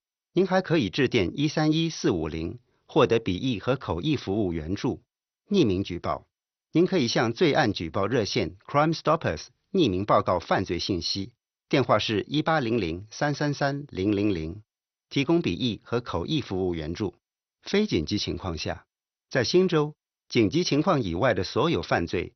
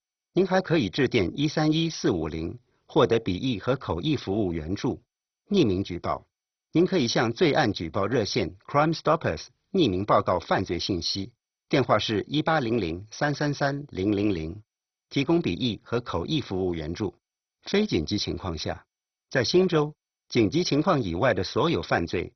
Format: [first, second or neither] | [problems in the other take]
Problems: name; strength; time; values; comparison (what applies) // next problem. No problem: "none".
first | garbled, watery; badly; nothing above 6 kHz; slightly in the first